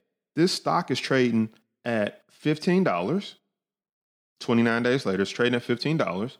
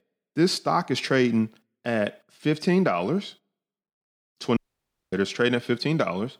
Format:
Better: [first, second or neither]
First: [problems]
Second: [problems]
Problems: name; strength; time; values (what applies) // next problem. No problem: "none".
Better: first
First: none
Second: audio cutting out; at 4.5 s for 0.5 s